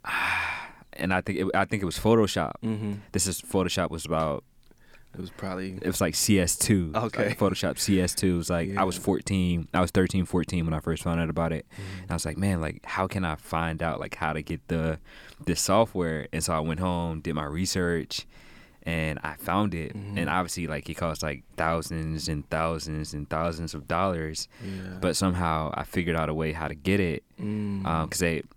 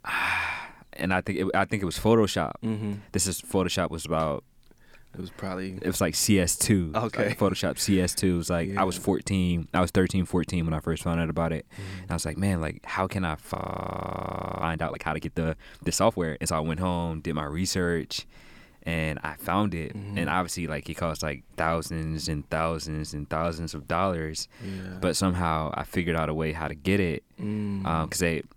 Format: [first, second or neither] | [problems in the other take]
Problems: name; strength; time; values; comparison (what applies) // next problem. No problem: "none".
first | audio freezing; at 14 s for 1 s